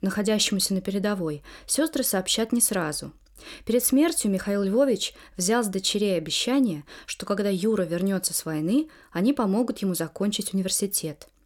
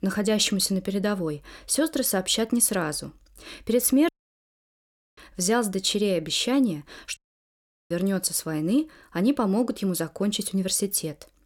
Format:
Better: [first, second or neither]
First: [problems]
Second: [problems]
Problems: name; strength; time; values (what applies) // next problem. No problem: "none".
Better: first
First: none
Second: audio cutting out; at 4 s for 1 s and at 7 s for 0.5 s